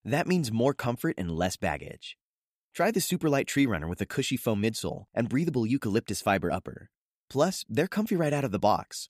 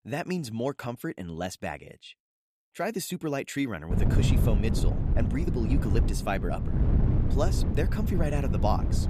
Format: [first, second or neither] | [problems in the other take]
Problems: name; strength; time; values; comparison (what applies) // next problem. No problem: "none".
first | wind noise on the microphone; heavy; from 4 s on; 5 dB below the speech